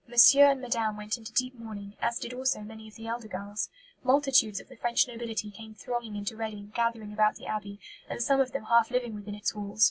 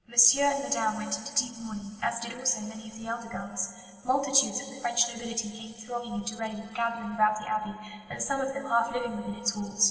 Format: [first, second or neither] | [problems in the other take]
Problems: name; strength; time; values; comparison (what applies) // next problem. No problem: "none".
first | room echo; dies away in 2.9 s